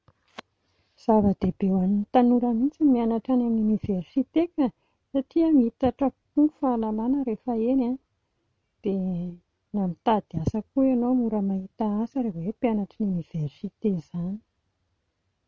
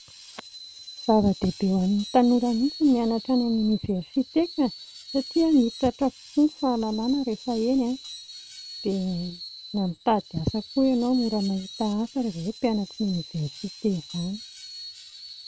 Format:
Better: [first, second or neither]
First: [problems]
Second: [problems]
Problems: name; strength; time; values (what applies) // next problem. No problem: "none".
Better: first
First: none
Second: background sound (Screech); 17 dB below the speech